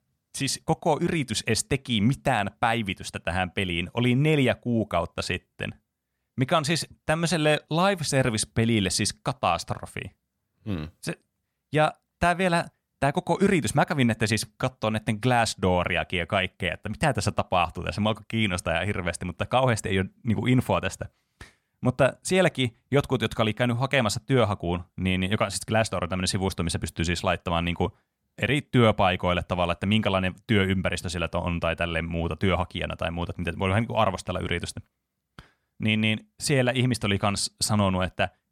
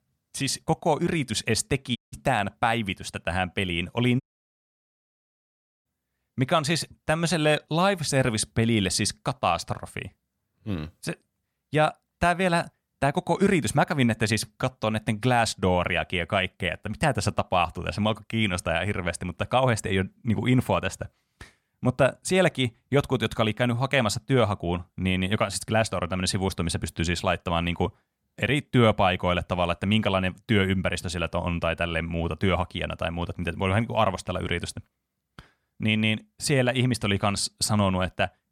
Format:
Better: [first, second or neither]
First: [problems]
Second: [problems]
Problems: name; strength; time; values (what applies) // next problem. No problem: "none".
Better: first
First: none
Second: audio cutting out; at 2 s and at 4 s for 1.5 s